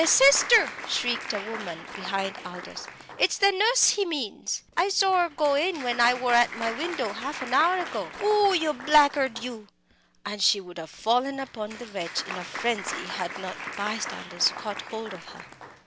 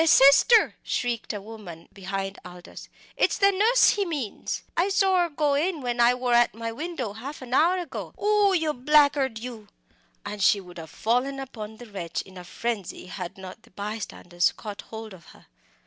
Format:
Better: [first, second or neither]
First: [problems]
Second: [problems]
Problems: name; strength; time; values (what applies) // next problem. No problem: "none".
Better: second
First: background sound (Applause); 12 dB below the speech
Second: none